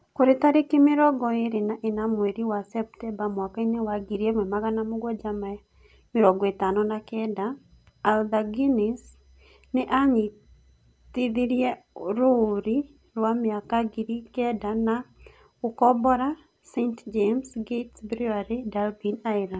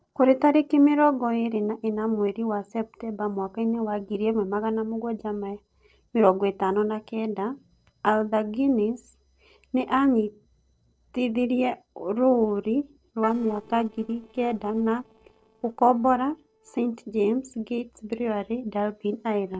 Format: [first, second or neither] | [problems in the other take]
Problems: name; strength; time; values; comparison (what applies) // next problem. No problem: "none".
first | noise reduction (neural separator model SepFormer DNS4)